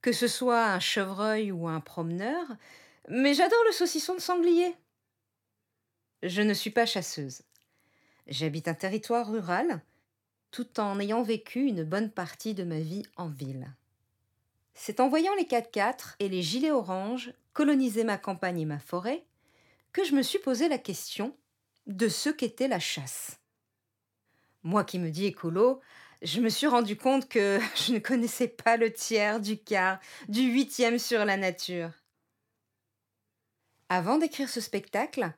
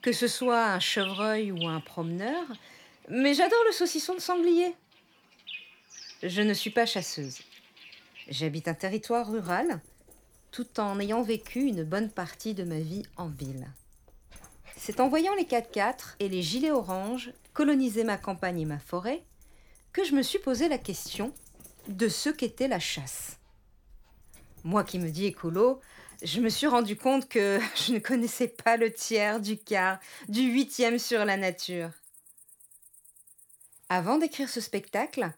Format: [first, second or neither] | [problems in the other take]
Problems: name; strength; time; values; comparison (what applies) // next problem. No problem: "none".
first | animal sounds; noticeable; throughout; 15 dB below the speech